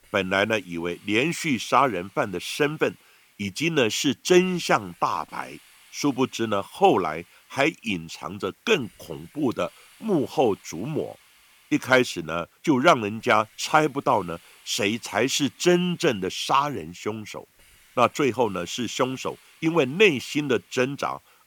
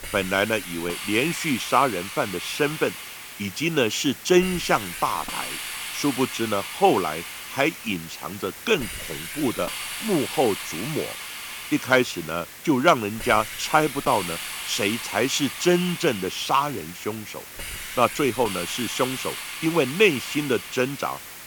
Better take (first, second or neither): first